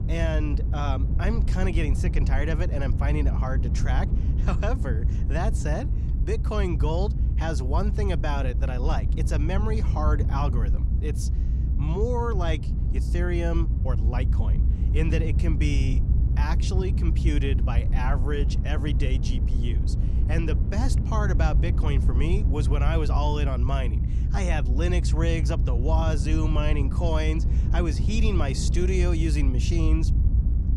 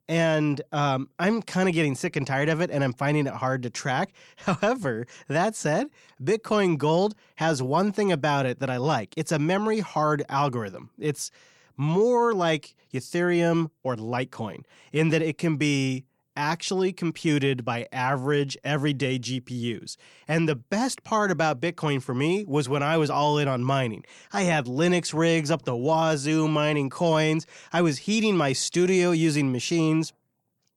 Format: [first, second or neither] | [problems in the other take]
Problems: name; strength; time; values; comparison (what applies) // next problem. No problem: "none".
second | low rumble; loud; throughout; 8 dB below the speech